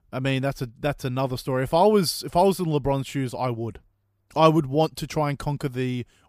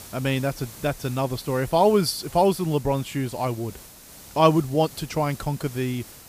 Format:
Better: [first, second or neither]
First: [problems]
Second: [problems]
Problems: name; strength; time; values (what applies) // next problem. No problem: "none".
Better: first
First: none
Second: hiss; noticeable; throughout; 20 dB below the speech